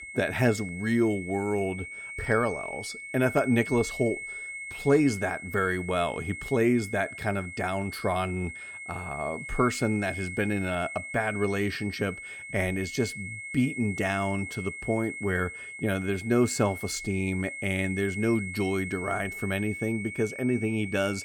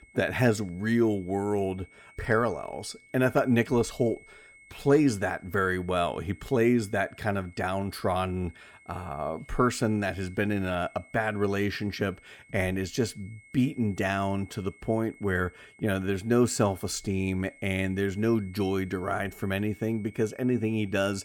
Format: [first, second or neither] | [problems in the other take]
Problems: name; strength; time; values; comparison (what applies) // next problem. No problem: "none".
second | high-pitched whine; loud; throughout; 2 kHz, 8 dB below the speech; faint in the second